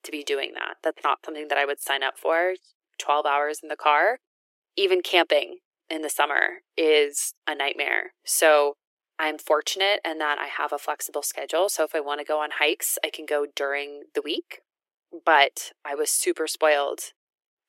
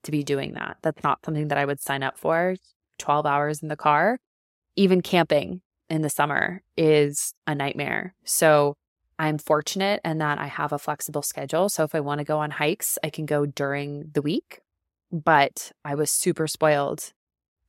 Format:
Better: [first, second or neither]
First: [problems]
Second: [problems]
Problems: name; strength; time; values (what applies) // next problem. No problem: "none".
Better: second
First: thin; very; fading below 350 Hz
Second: none